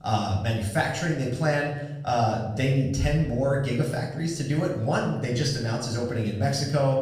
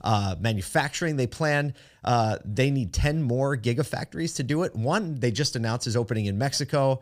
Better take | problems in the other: second | off-mic speech; far // room echo; noticeable; dies away in 0.8 s

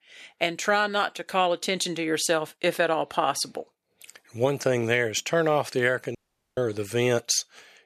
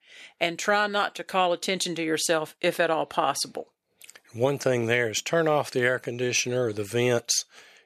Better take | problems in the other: second | audio cutting out; at 6 s

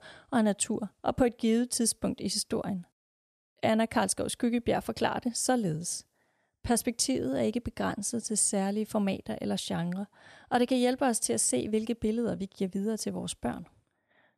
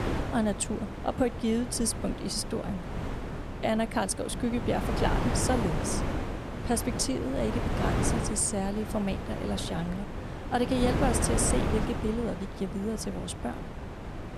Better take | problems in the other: first | wind noise on the microphone; heavy; 4 dB below the speech

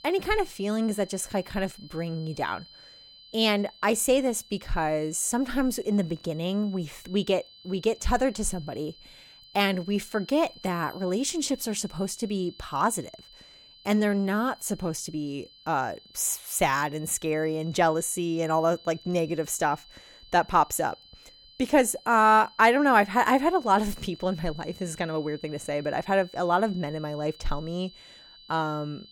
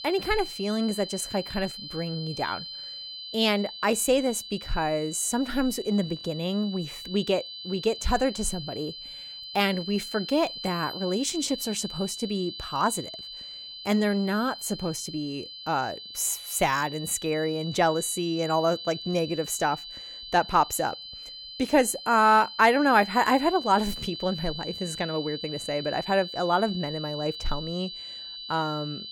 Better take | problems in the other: first | high-pitched whine; loud; throughout; 4 kHz, 10 dB below the speech; faint in the first

